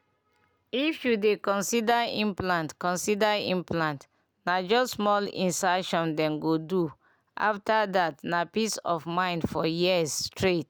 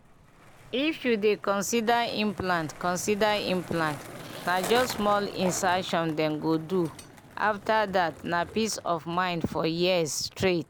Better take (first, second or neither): first